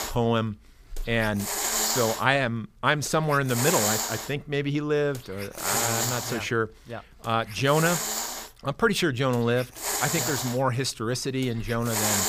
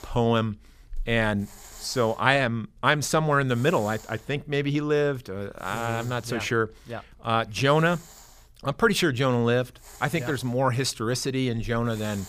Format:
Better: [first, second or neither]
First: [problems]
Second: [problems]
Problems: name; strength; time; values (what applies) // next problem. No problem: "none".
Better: second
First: hiss; loud; throughout; 1 dB below the speech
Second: hiss; faint; throughout; 20 dB below the speech